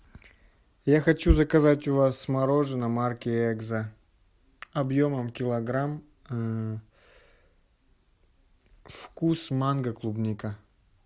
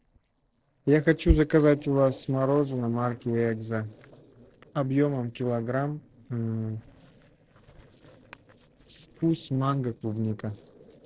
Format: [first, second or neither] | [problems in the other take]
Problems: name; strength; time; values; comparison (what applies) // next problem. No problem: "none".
first | noise reduction (neural separator model SepFormer DNS4)